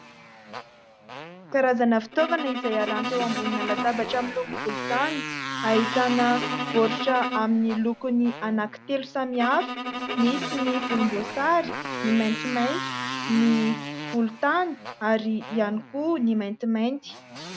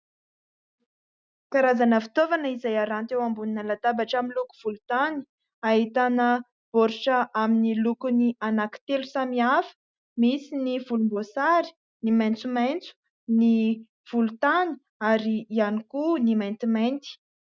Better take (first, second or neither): second